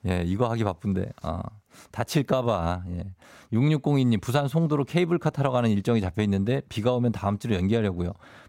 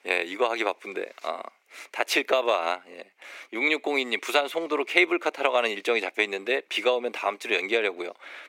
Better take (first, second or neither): first